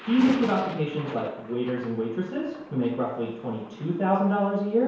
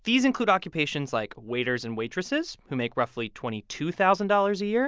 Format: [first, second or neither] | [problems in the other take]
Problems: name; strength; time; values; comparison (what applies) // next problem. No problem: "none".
second | background sound (Thunder); 15 dB below the speech // room echo; dies away in 1 s